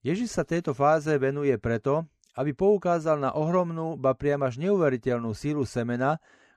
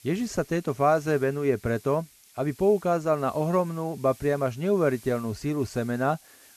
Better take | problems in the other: first | hiss; faint; throughout; 25 dB below the speech

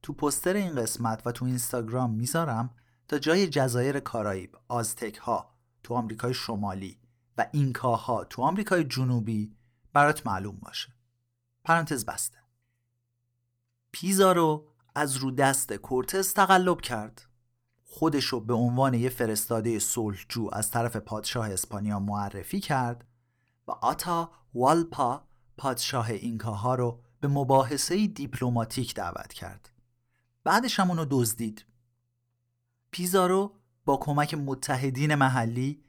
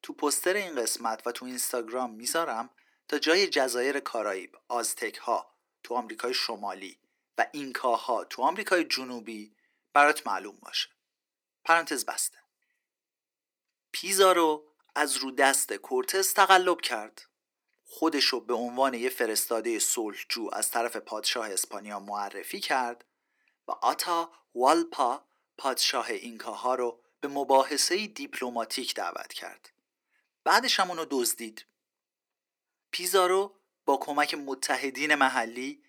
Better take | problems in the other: first | thin; somewhat; fading below 300 Hz

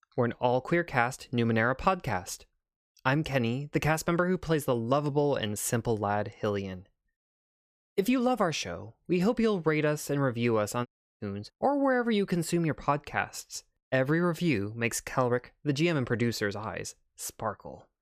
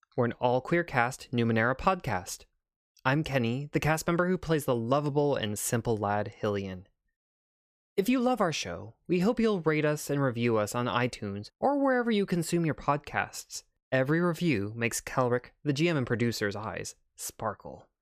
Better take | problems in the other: second | audio cutting out; at 11 s

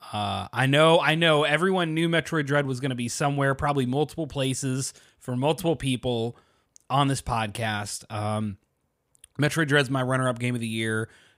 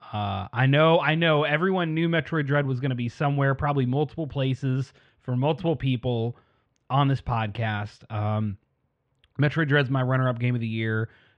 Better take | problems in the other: first | muffled; very; fading above 3 kHz

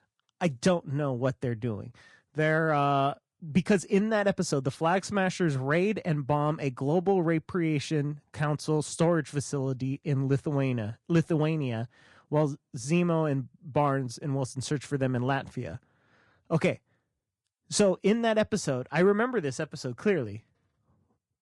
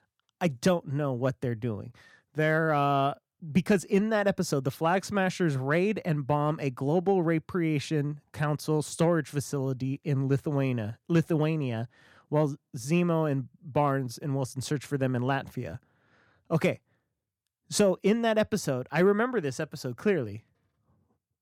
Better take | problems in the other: second | garbled, watery; slightly; nothing above 10 kHz

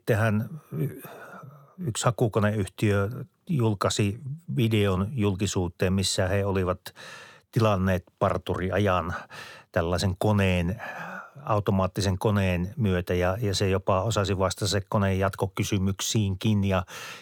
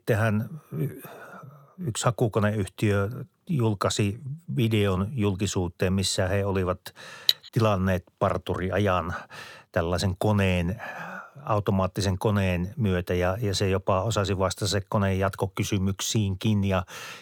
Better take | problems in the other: first | clattering dishes; very faint; at 7.5 s; peak 2 dB above the speech

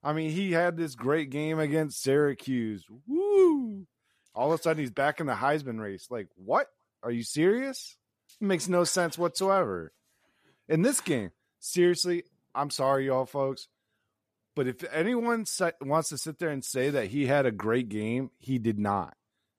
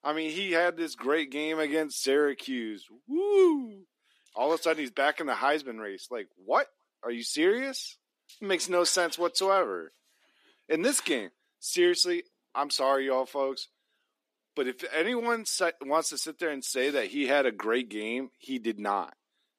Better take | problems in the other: first | thin; very slightly; fading below 250 Hz

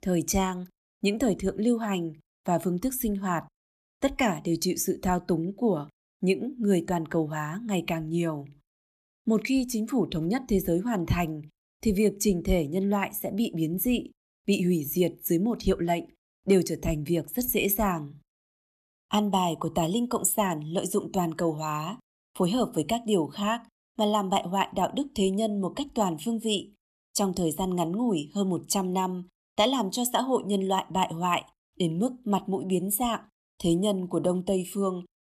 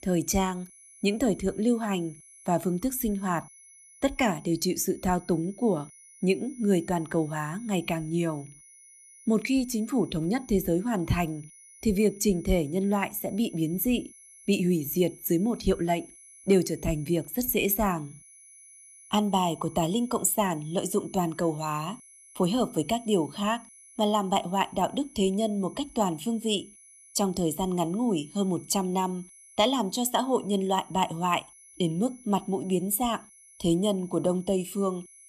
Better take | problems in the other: first | high-pitched whine; faint; throughout; 10.5 kHz, 20 dB below the speech

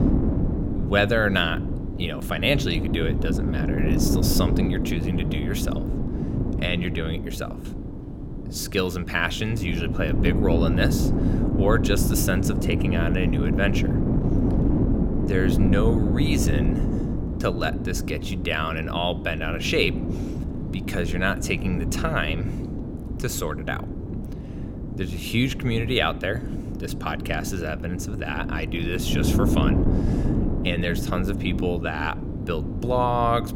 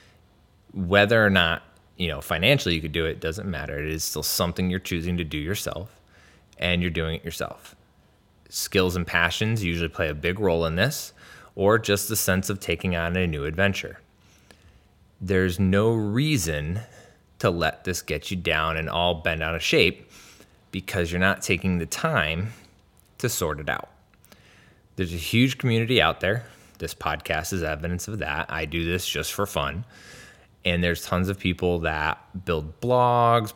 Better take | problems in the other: second | wind noise on the microphone; heavy; 6 dB below the speech

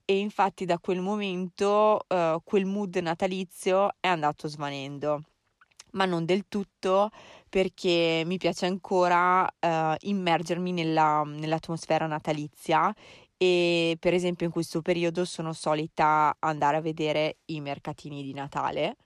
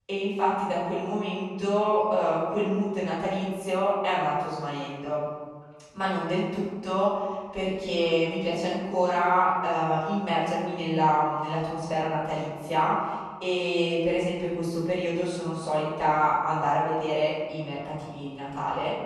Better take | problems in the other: first | off-mic speech; far // room echo; strong; dies away in 1.3 s

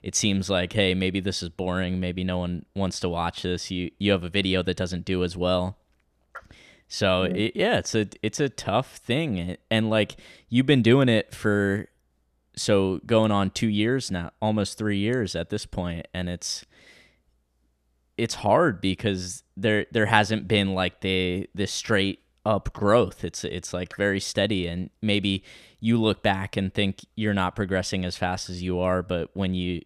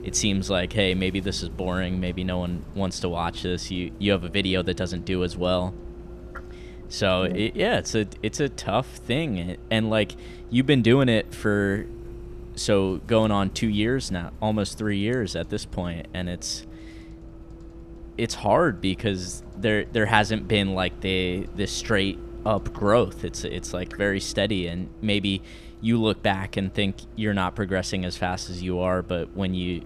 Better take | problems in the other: first | traffic noise; noticeable; throughout; 15 dB below the speech

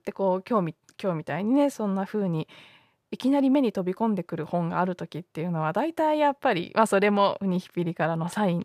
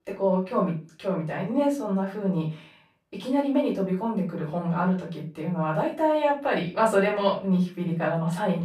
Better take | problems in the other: first | off-mic speech; far // room echo; slight; dies away in 0.3 s

